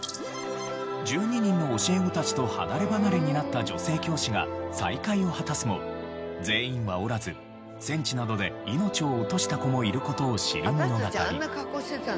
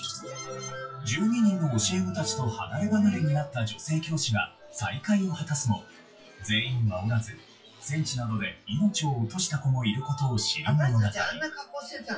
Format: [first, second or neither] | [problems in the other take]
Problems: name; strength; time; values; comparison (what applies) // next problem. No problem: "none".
first | noise reduction (classical method WPE with log-MMSE)